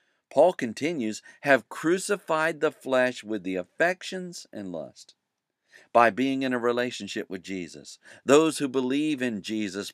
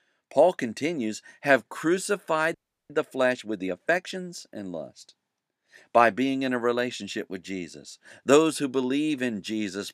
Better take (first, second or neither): first